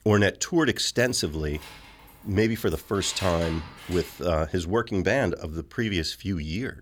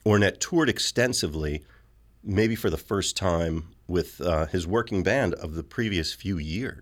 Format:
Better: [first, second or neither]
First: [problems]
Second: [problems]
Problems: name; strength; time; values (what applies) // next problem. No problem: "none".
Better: second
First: jangling keys; noticeable; from 1 to 4 s; peak 9 dB below the speech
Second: none